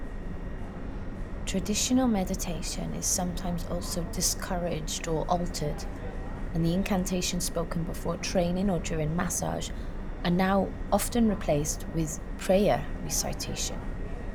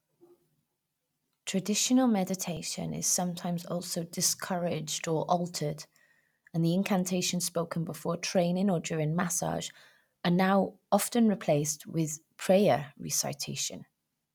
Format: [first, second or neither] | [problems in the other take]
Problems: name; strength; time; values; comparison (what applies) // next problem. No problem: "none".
second | background sound (Subway, metro, underground); 4 dB below the speech